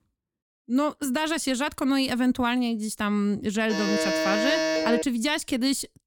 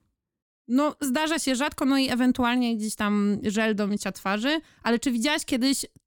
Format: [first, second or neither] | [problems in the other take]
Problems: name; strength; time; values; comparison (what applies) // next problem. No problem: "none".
second | alarm; loud; from 3.5 to 5 s; peak 2 dB above the speech